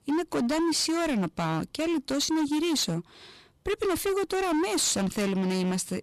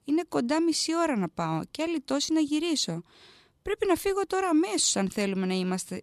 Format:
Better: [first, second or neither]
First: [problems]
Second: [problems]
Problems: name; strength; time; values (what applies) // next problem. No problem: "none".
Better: second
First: distortion; heavy; 27% of the sound clipped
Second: none